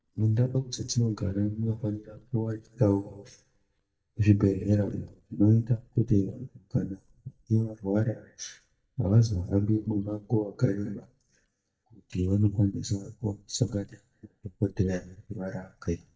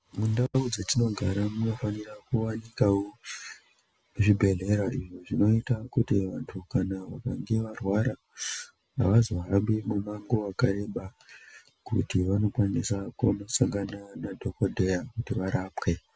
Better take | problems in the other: second | noise reduction (neural mask model DeepFilterNet 3)

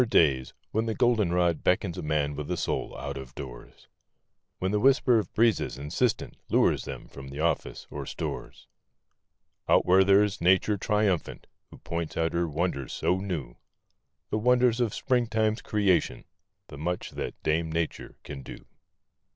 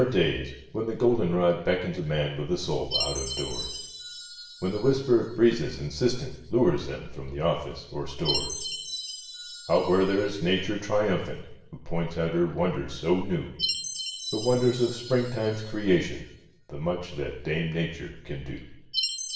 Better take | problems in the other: first | background sound (Chime); 11 dB below the speech // room echo; dies away in 0.8 s

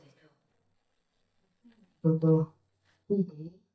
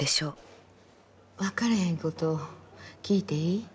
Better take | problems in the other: second | noise reduction (neural mask model DeepFilterNet 3)

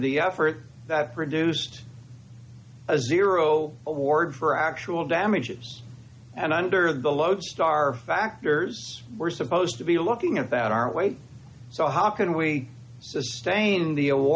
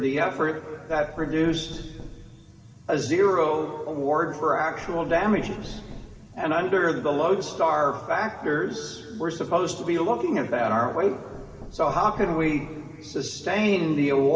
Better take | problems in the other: first | background sound (Knock); 18 dB below the speech // room echo; dies away in 2.4 s

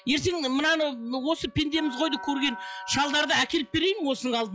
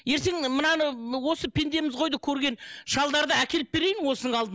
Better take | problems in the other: second | noise reduction (classical method log-MMSE)

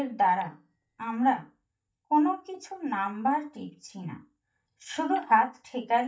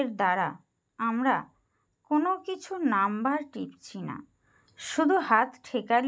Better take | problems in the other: second | noise reduction (neural mask model DeepFilterNet 3)

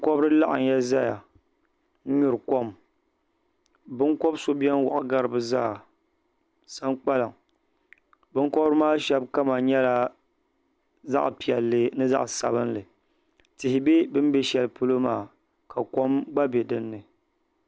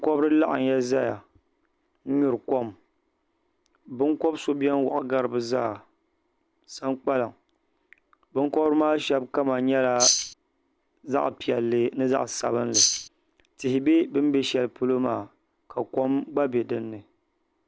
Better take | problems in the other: first | background sound (Tambourine); 4 dB above the speech

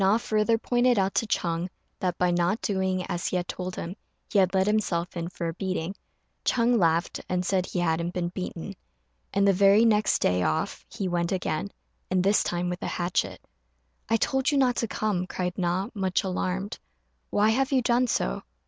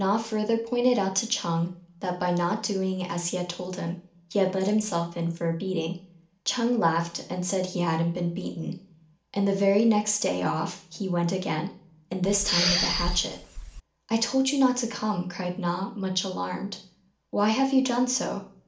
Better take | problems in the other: first | background sound (Respiratory sounds); 1 dB below the speech // room echo; dies away in 0.4 s

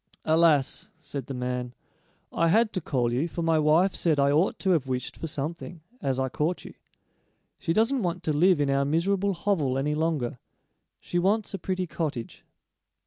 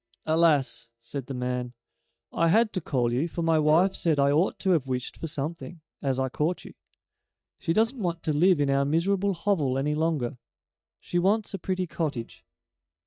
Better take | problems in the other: first | noise reduction (neural mask model DeepFilterNet 3)

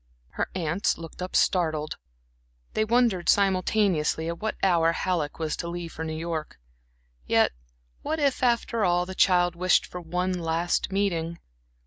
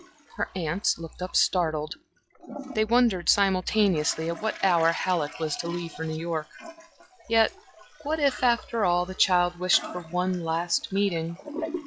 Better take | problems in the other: first | noise reduction (classical method log-MMSE)

